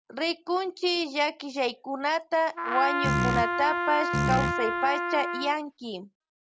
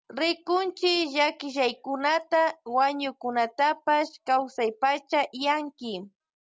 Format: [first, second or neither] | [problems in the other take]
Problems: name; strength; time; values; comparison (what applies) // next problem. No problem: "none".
second | background sound (Trumpet + Fart); 1 dB above the speech